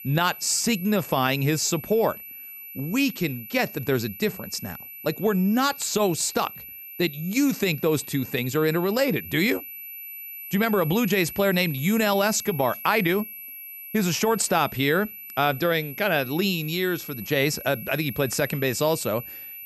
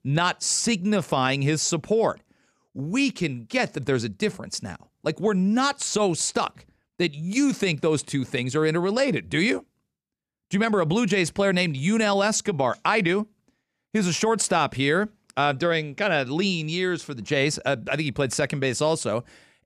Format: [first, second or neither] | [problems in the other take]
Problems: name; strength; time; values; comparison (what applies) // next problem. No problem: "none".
second | high-pitched whine; noticeable; throughout; 12 kHz, 10 dB below the speech